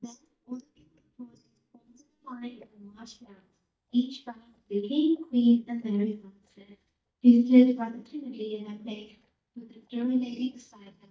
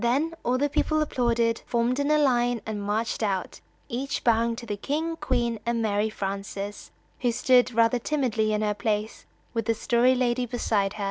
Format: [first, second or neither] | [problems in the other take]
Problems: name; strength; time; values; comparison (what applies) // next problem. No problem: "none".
second | noise reduction (neural mask model DeepFilterNet 3)